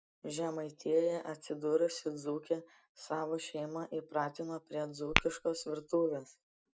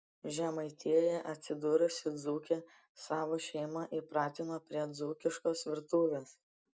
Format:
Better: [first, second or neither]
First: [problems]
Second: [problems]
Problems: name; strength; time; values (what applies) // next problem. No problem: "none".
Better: second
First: background sound (Tap / Glass); 2 dB below the speech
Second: none